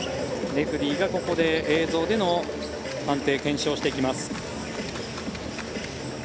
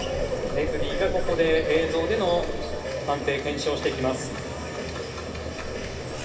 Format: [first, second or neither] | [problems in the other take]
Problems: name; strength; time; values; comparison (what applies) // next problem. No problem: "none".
first | background sound (Zipper (clothing)); 10 dB below the speech // room echo; dies away in 2.3 s